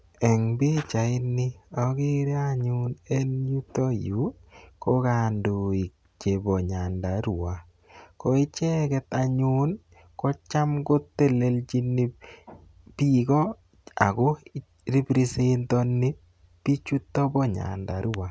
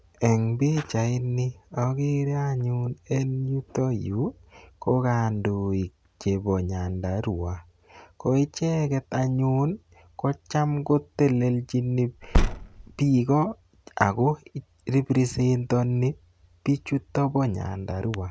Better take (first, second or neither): first